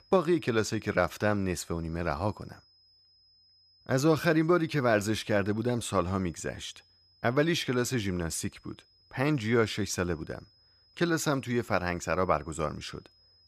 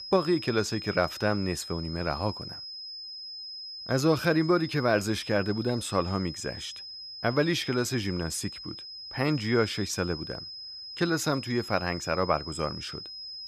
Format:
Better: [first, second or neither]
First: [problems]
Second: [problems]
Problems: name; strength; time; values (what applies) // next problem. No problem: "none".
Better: first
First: high-pitched whine; faint; throughout; 5 kHz, 30 dB below the speech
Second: high-pitched whine; loud; throughout; 5 kHz, 10 dB below the speech